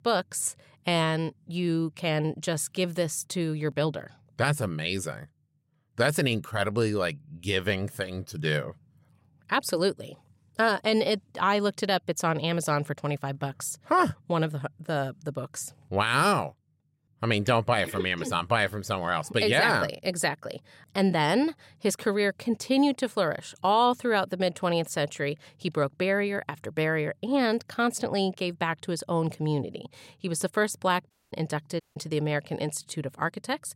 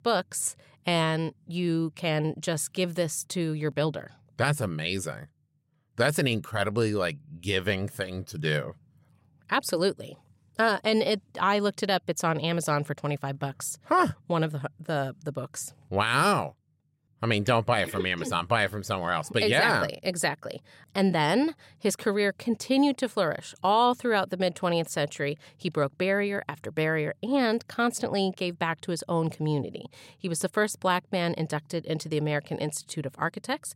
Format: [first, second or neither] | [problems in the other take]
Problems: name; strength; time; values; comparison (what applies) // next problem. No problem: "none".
second | audio cutting out; at 31 s and at 32 s